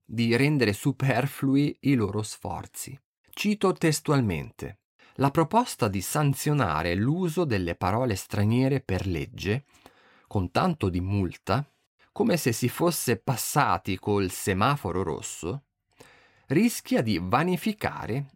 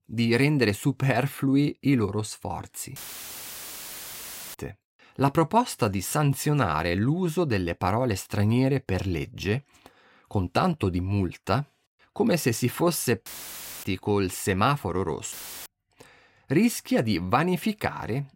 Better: first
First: none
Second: audio cutting out; filled with static; at 3 s for 1.5 s, at 13 s for 0.5 s and at 15 s

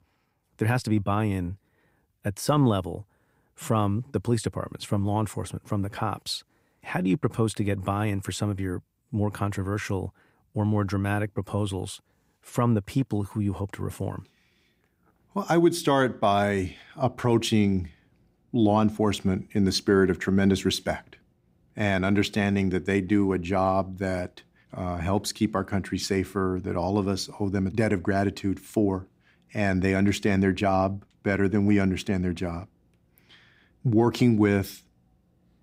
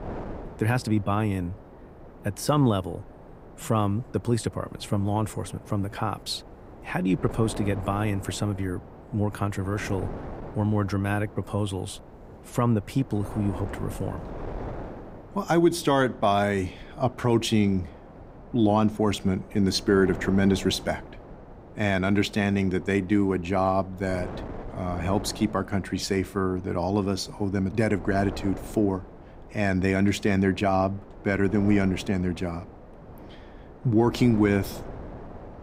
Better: first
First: none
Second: wind noise on the microphone; occasional gusts; 15 dB below the speech

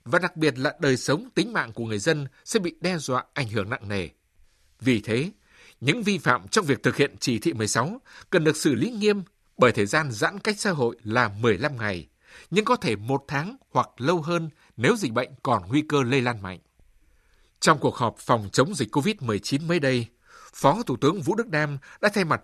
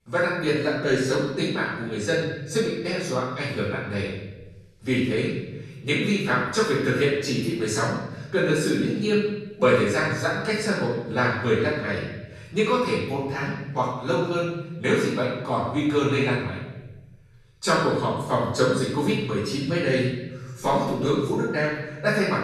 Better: first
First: none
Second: off-mic speech; far // room echo; noticeable; dies away in 1.1 s

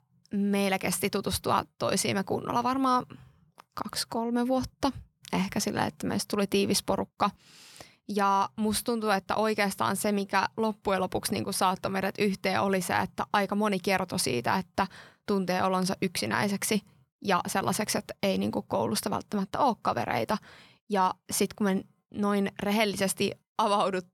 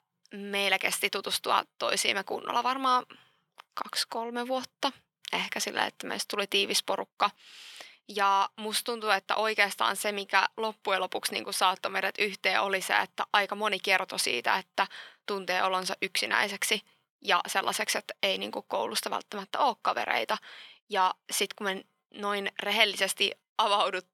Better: first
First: none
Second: thin; somewhat; fading below 400 Hz

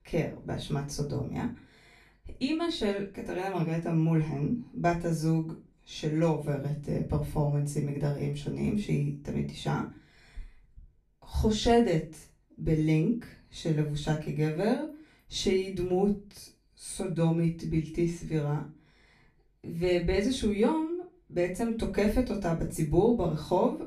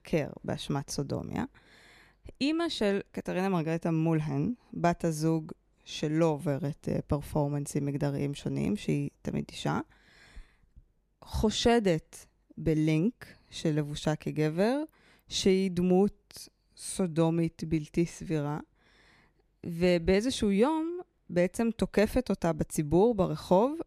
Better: second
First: off-mic speech; far // room echo; slight; dies away in 0.3 s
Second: none

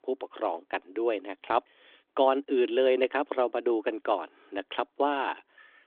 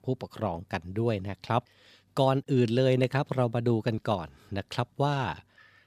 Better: second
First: phone-call audio; nothing above 3.5 kHz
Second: none

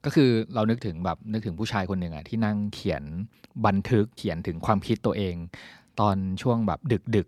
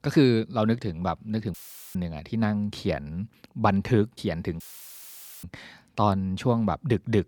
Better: first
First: none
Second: audio cutting out; filled with static; at 1.5 s and at 4.5 s for 1 s

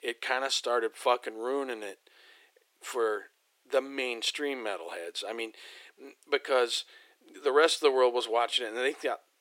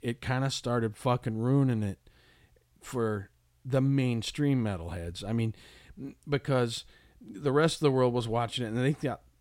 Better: second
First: thin; very; fading below 350 Hz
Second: none

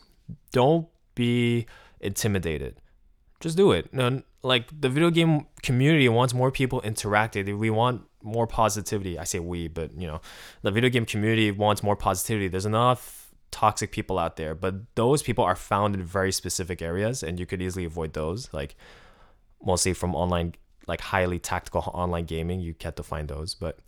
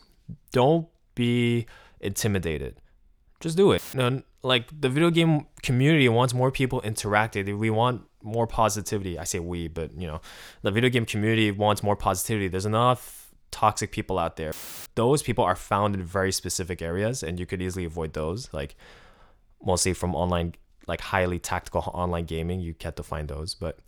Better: first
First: none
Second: audio cutting out; filled with static; at 4 s and at 15 s

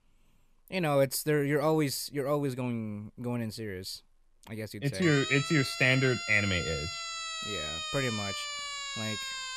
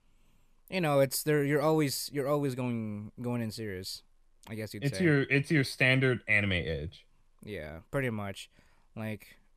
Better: second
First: siren; noticeable; from 5 s on; peak 4 dB below the speech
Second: none

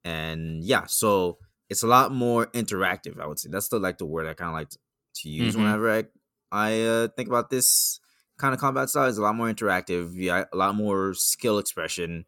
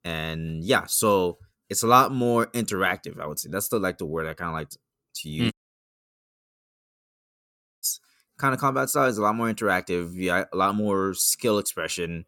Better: first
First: none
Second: audio cutting out; at 5.5 s for 2.5 s

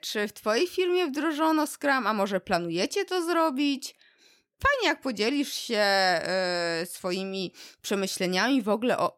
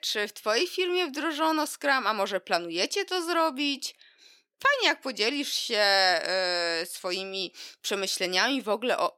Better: first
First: none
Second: thin; very slightly; fading below 350 Hz

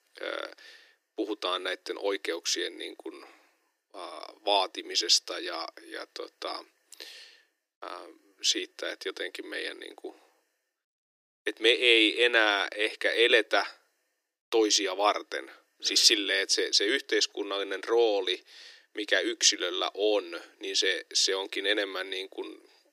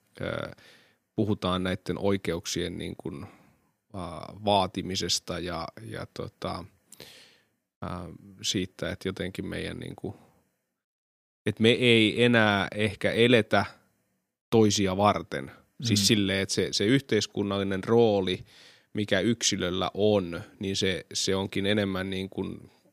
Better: second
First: thin; very; fading below 300 Hz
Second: none

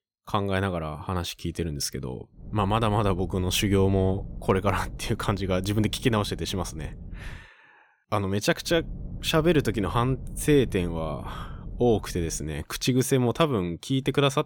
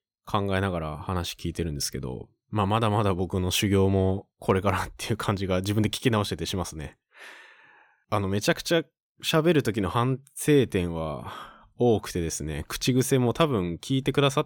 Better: second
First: low rumble; faint; from 2.5 to 7.5 s and from 8.5 to 12 s; 25 dB below the speech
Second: none

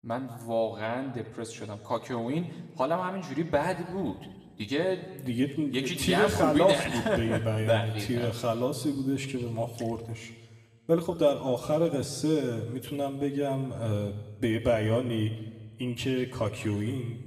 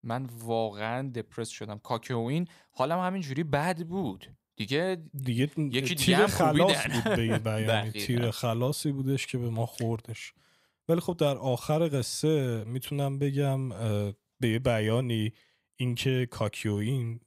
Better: second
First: room echo; slight; dies away in 1.4 s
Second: none

